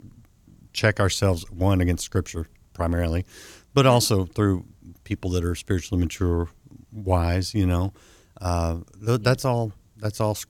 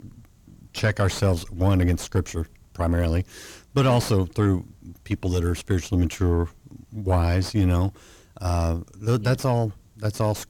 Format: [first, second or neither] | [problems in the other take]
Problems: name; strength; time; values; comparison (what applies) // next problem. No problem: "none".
first | distortion; slight; 10 dB below the speech